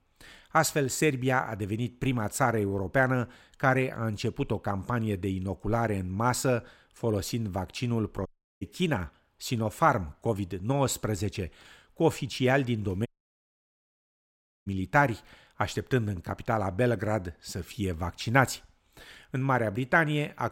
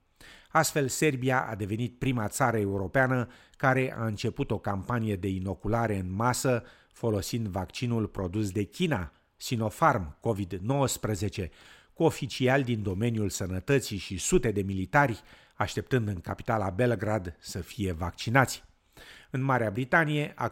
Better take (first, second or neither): second